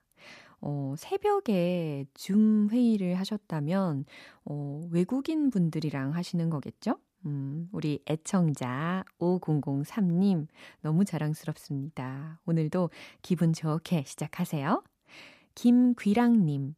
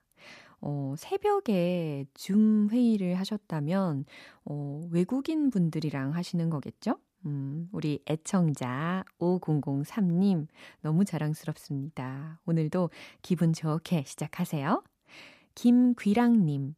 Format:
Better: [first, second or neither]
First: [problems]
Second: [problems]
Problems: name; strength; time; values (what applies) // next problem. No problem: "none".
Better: neither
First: none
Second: none